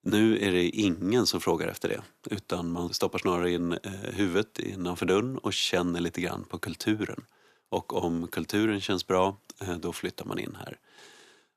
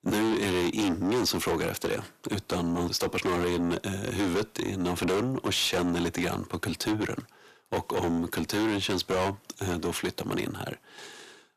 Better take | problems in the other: first | distortion; heavy; 6 dB below the speech

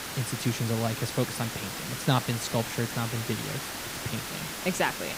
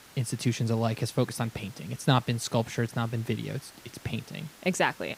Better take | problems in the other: second | hiss; loud; throughout; 3 dB below the speech; faint in the second

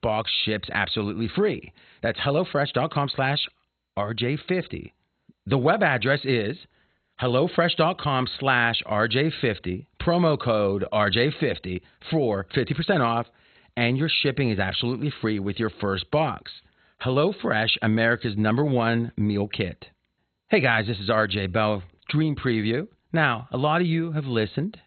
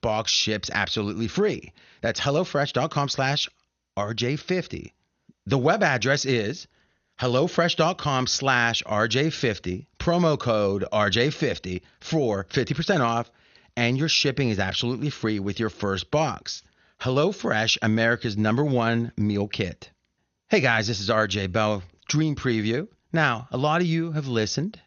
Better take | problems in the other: second | garbled, watery; badly; nothing above 4 kHz; slightly in the second

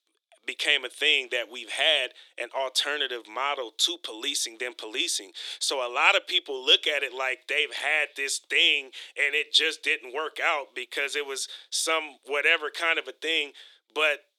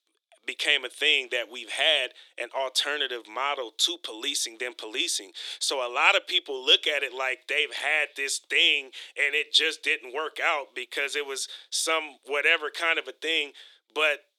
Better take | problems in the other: neither | thin; very; fading below 300 Hz; the same in both

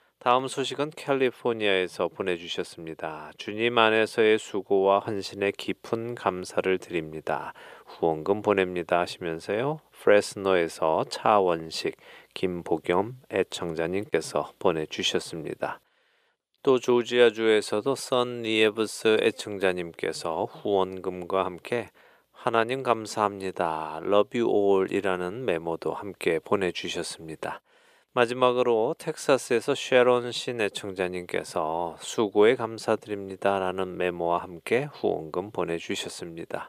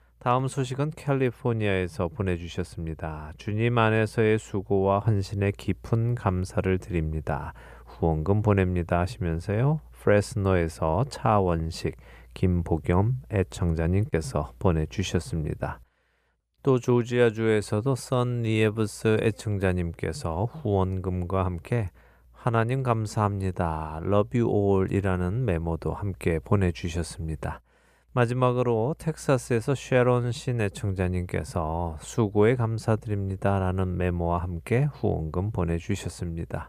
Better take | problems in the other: second | thin; somewhat; fading below 350 Hz

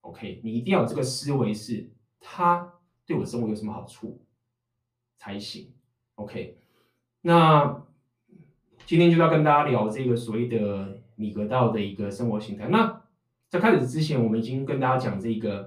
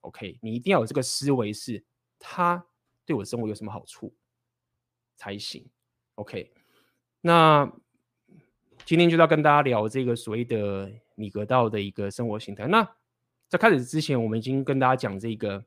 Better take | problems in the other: second | off-mic speech; far // room echo; very slight; dies away in 0.3 s

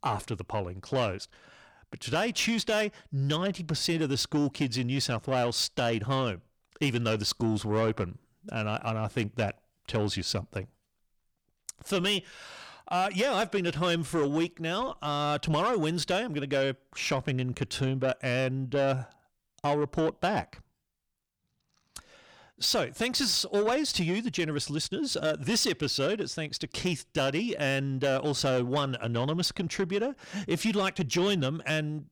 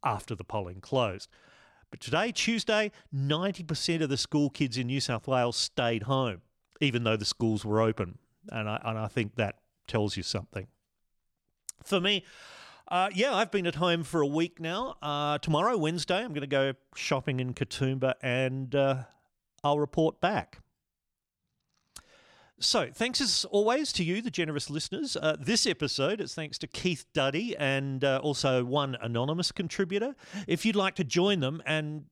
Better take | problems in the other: second | distortion; slight; 10 dB below the speech

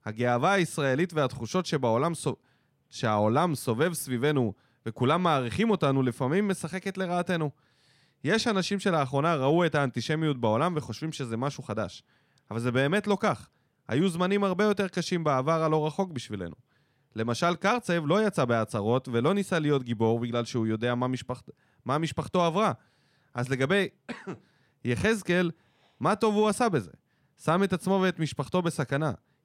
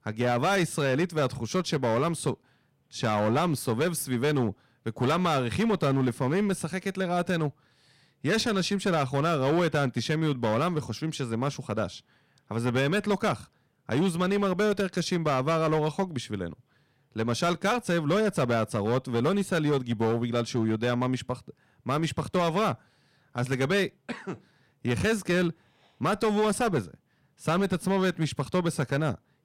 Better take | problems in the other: first | distortion; slight; 9% of the sound clipped

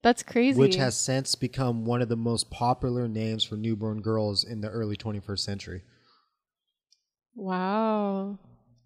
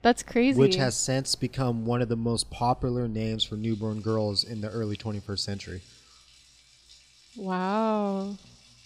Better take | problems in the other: first | household noises; faint; throughout; 25 dB below the speech

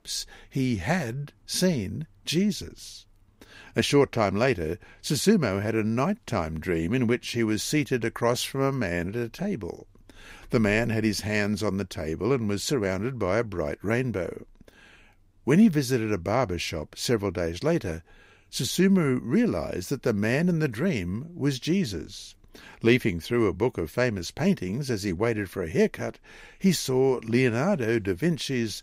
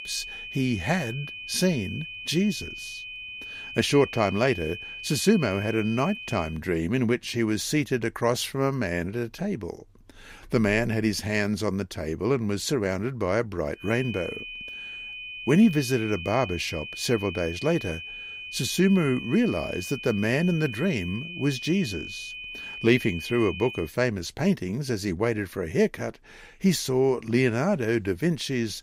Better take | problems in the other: first | high-pitched whine; loud; until 6.5 s and from 14 to 24 s; 2.5 kHz, 10 dB below the speech

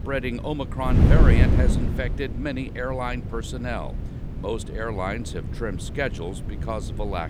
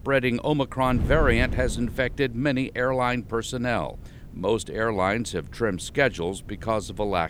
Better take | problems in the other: second | wind noise on the microphone; heavy; 6 dB below the speech; occasional gusts in the second

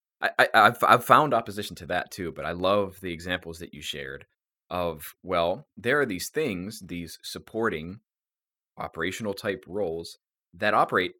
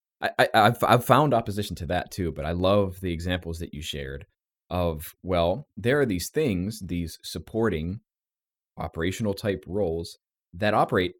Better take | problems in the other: second | thin; very slightly; fading below 300 Hz

